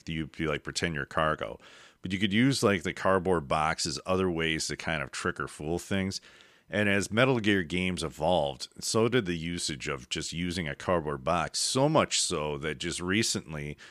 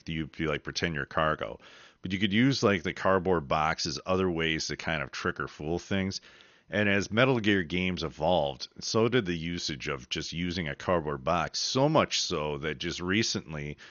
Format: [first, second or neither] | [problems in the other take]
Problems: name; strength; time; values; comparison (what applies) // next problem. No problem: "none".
first | garbled, watery; slightly; nothing above 6.5 kHz